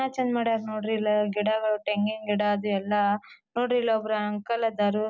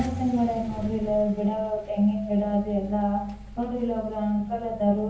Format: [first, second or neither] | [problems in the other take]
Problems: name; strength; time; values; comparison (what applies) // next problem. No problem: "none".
first | background sound (Accelerating, revving, vroom); 14 dB below the speech // room echo; dies away in 0.9 s